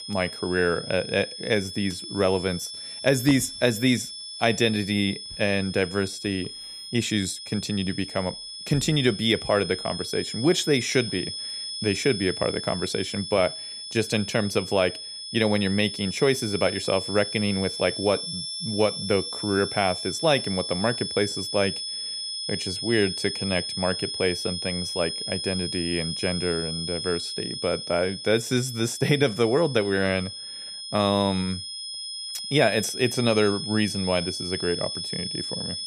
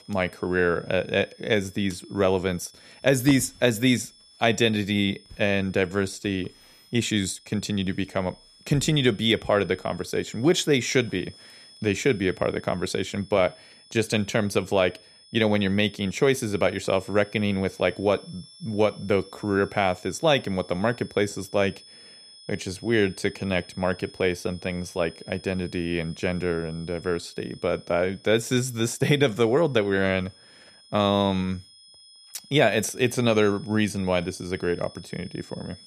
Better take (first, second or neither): second